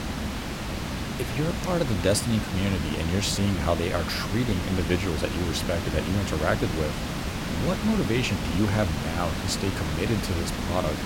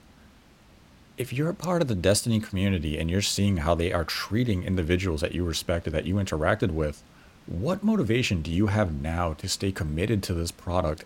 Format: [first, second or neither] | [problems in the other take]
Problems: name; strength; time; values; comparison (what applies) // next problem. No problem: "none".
second | hiss; loud; throughout; 3 dB below the speech; faint in the second